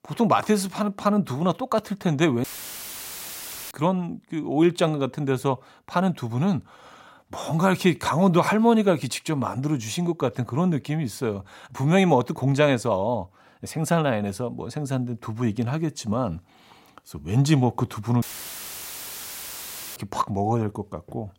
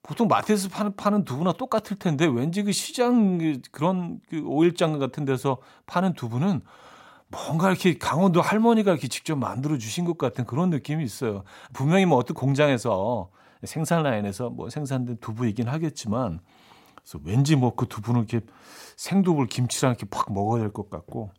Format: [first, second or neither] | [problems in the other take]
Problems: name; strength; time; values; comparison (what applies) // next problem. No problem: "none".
second | audio cutting out; filled with static; at 2.5 s for 1.5 s and at 18 s for 1.5 s